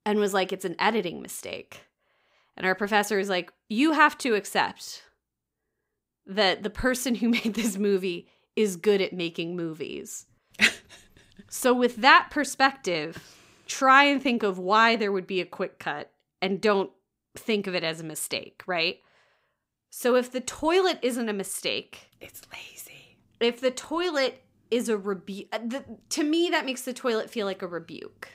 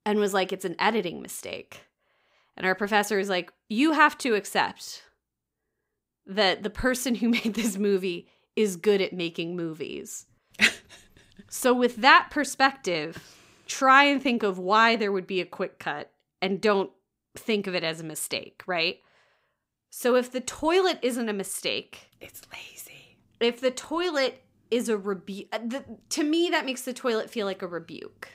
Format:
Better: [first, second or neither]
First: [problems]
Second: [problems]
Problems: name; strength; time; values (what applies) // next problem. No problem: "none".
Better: neither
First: none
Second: none